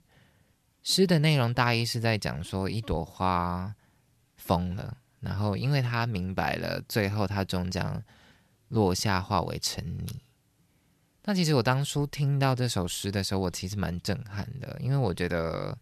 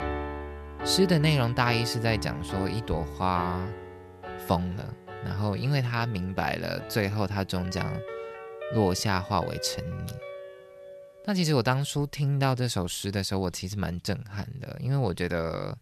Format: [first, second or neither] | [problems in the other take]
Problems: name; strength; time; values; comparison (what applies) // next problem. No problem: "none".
first | background music; noticeable; throughout; 10 dB below the speech